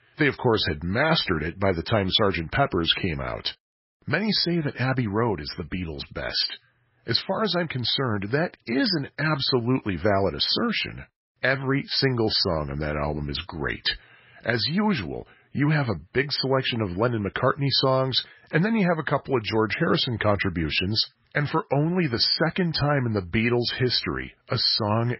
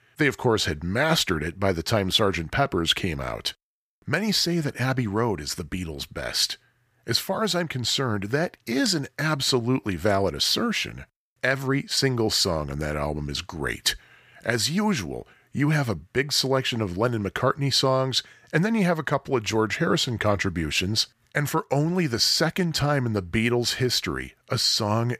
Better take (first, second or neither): second